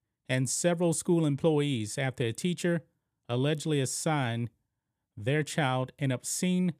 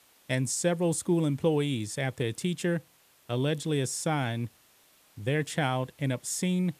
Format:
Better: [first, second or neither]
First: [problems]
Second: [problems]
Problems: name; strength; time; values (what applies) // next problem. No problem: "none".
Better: first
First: none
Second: hiss; faint; throughout; 30 dB below the speech